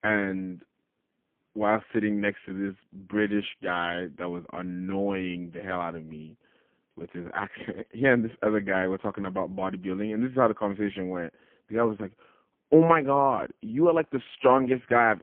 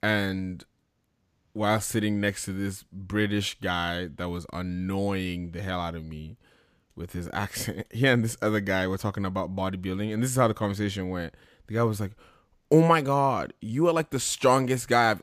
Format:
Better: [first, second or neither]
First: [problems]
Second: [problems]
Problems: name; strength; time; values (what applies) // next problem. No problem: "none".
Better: second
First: phone-call audio; poor line; nothing above 3.5 kHz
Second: none